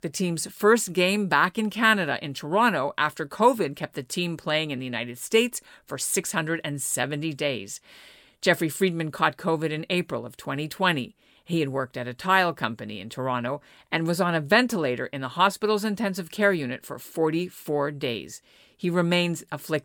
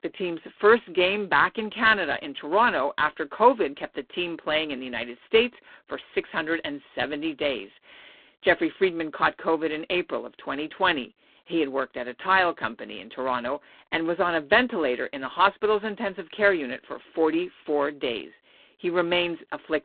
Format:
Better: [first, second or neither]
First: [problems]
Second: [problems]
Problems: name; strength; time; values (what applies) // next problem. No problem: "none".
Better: first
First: none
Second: phone-call audio; poor line